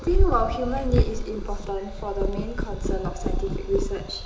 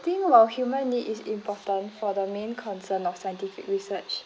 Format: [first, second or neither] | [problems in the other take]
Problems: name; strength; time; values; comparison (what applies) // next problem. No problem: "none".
second | background sound (Purr); 3 dB above the speech // room echo; dies away in 0.8 s